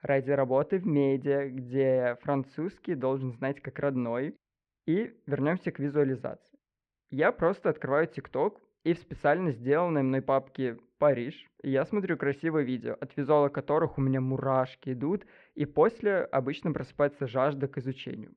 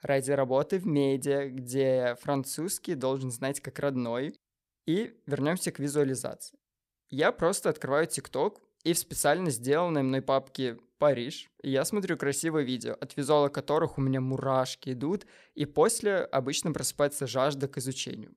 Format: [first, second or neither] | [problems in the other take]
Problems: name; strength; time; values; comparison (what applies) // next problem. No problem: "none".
second | muffled; very; fading above 2.5 kHz